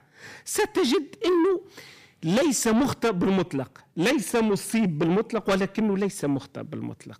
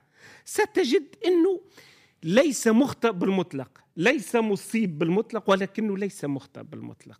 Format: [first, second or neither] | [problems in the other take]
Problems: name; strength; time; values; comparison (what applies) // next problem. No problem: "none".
second | distortion; heavy; 8 dB below the speech